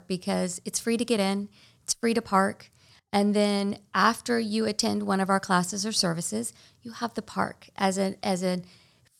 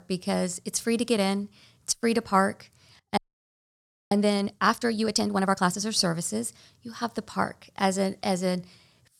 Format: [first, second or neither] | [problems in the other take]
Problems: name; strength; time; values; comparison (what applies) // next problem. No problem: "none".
first | audio freezing; at 3 s for 1 s